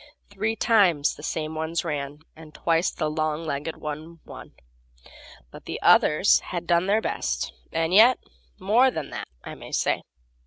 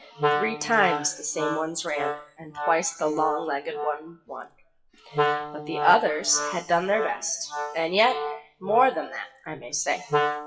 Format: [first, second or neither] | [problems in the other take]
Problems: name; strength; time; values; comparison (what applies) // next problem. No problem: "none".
first | noise reduction (classical method WPE with log-MMSE)